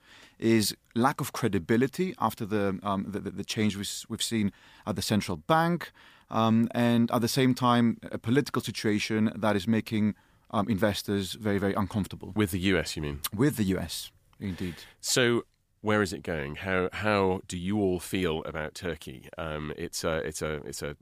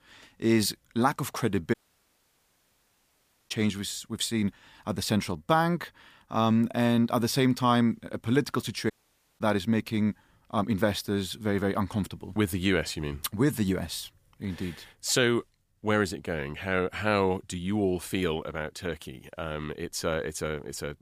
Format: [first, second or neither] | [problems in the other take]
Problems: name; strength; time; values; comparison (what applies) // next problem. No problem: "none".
first | audio cutting out; at 1.5 s for 2 s and at 9 s for 0.5 s